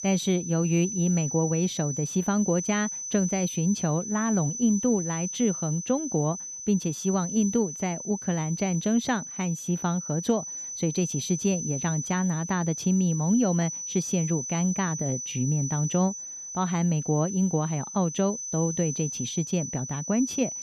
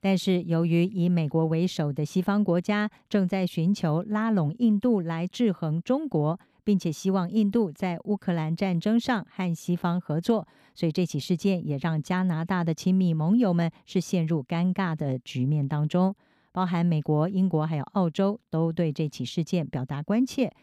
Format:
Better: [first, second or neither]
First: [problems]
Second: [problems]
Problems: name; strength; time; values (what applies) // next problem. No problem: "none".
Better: second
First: high-pitched whine; loud; throughout; 6 kHz, 6 dB below the speech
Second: none